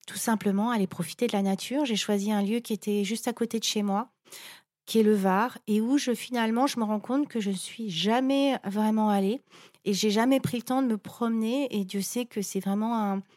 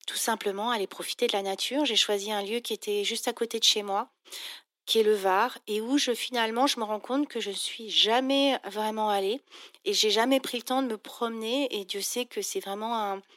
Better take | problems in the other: first | thin; somewhat; fading below 300 Hz

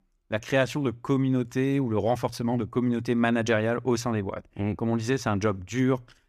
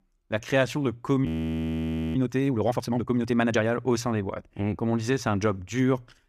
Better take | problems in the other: first | audio freezing; at 1.5 s for 1 s

